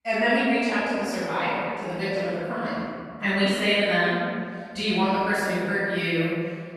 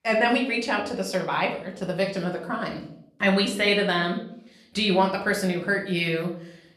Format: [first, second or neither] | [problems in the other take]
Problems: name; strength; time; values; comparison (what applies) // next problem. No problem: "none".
second | room echo; strong; dies away in 2.2 s; slight in the second // off-mic speech; far; somewhat distant in the second